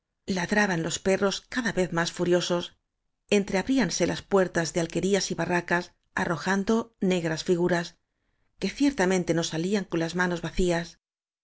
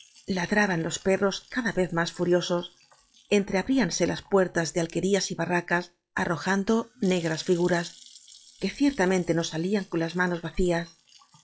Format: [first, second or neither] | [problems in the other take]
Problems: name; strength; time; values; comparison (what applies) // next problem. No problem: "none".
first | noise reduction (classical method log-MMSE)